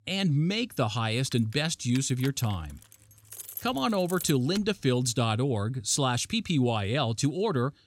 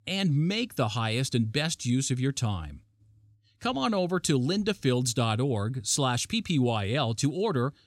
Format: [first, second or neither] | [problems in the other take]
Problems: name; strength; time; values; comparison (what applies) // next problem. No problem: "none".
second | jangling keys; faint; from 1.5 to 4.5 s; peak 10 dB below the speech